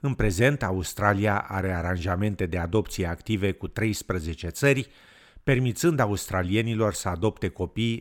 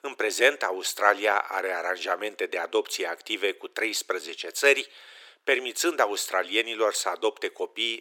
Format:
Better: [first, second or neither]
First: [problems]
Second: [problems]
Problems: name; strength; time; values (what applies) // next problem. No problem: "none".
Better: first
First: none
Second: thin; very; fading below 400 Hz